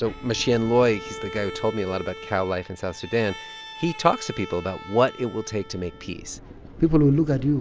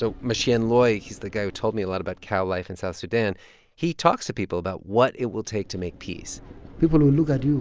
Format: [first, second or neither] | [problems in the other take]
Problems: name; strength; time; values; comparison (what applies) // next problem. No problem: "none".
second | background sound (Bowed string instrument); 16 dB below the speech